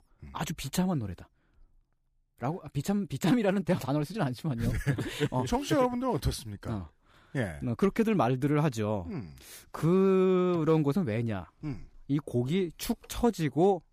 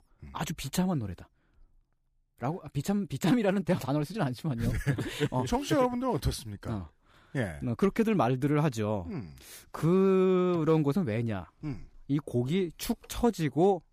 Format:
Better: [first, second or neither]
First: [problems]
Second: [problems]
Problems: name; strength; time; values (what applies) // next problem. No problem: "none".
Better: neither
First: none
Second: none